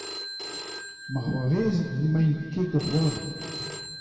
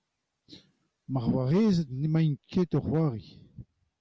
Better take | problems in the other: second | background sound (Telephone); 11 dB below the speech // room echo; dies away in 2.2 s

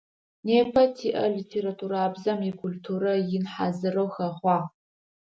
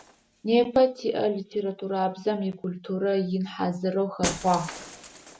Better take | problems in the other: first | background sound (Shatter); 14 dB below the speech

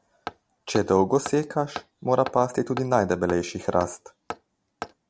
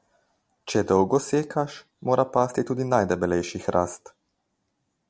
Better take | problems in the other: second | background sound (Hammer); 15 dB below the speech

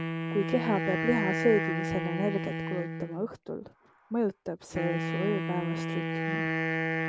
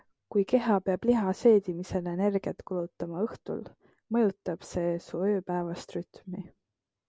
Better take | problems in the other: second | background sound (Wind instrument, woodwind instrument); as loud as the speech

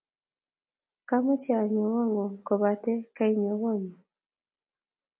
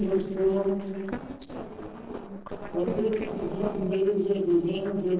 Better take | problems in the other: first | noise reduction (neural separator model SepFormer DNS4)

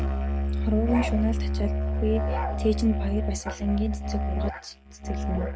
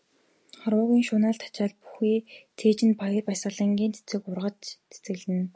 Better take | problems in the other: second | noise reduction (neural mask model RNNoise)

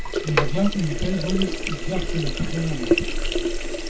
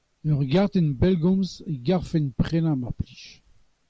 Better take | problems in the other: second | background sound (Sink (filling or washing)); 2 dB above the speech // room echo; dies away in 0.2 s

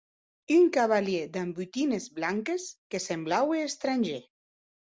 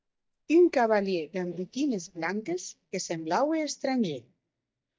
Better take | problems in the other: first | noise reduction (neural mask model DeepFilterNet 3)

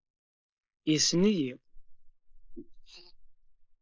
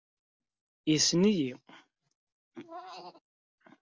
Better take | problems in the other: second | noise reduction (neural mask model Resemble Enhance denoiser)

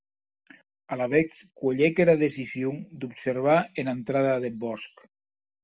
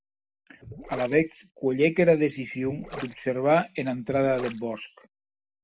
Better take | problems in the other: first | background sound (Gurgling); 16 dB below the speech

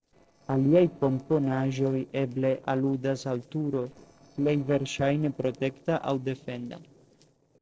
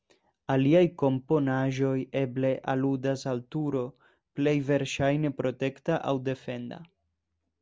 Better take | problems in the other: second | noise reduction (neural separator model SepFormer DNS4)

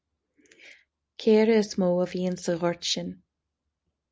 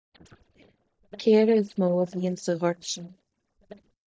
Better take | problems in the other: first | noise reduction (neural mask model DeepFilterNet 3)

